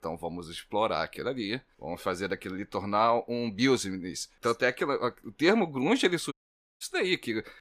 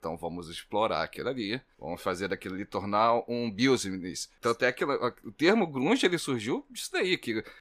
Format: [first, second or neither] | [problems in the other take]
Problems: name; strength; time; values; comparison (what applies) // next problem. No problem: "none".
second | audio cutting out; at 6.5 s